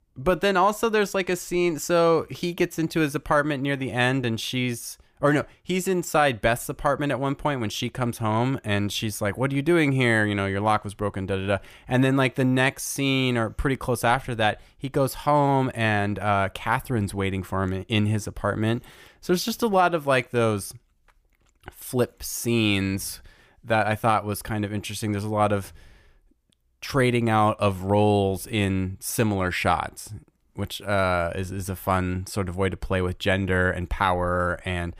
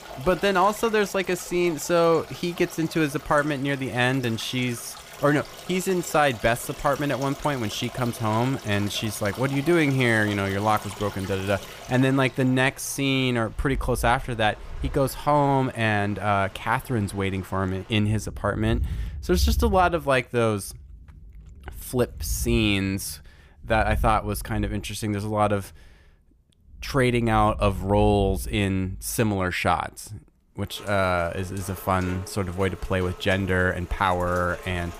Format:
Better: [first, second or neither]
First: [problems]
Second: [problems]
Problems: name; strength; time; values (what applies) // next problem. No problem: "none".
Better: first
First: none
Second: rain or running water; noticeable; throughout; 15 dB below the speech